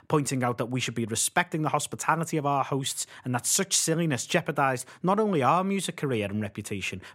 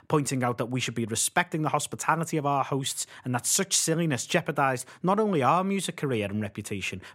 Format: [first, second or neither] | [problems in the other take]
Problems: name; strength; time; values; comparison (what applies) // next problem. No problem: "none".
neither | none